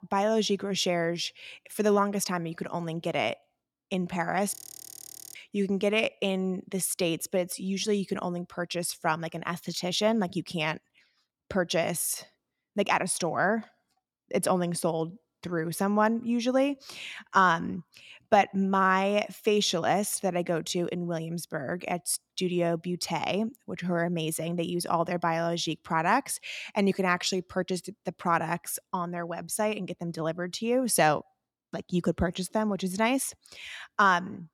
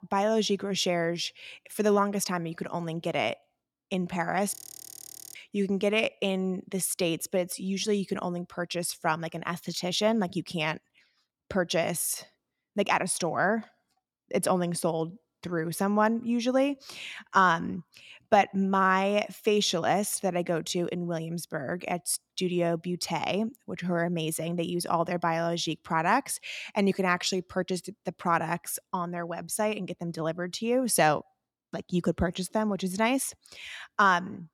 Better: neither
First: audio freezing; at 4.5 s for 1 s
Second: audio freezing; at 4.5 s for 1 s

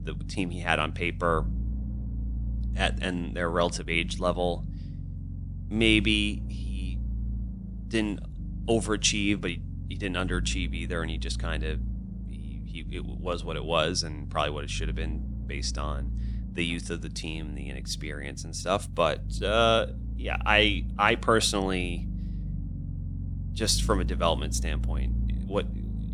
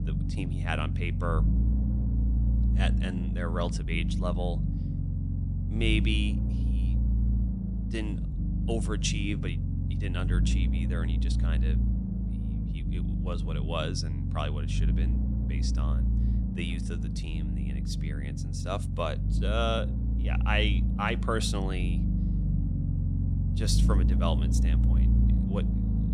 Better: first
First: low rumble; faint; throughout; 20 dB below the speech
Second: low rumble; loud; throughout; 7 dB below the speech

